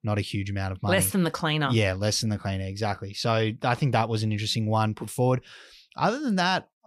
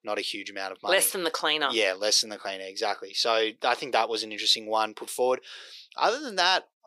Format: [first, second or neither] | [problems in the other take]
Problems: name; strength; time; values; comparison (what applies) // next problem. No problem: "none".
first | thin; very; fading below 400 Hz